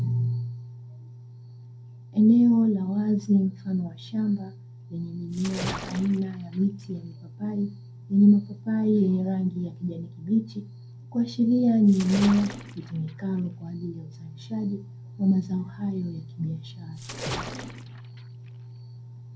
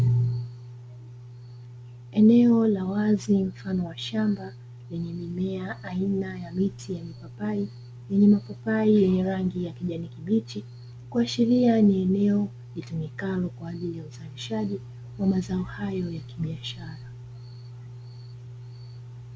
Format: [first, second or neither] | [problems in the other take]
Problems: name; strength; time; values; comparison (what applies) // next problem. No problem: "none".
second | background sound (Splash, splatter); 12 dB below the speech // room echo; dies away in 0.2 s